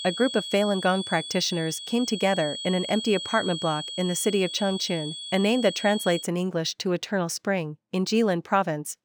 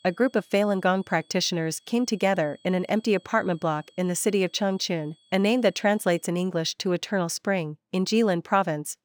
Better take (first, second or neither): second